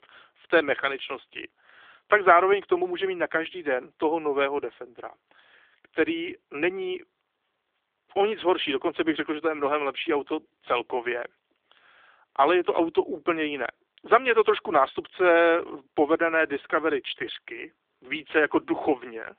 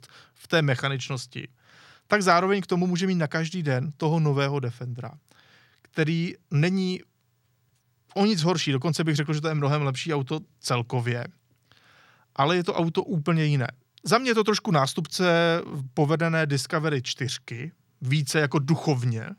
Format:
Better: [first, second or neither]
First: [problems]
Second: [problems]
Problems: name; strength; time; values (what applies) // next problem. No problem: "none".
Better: second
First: phone-call audio; nothing above 3.5 kHz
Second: none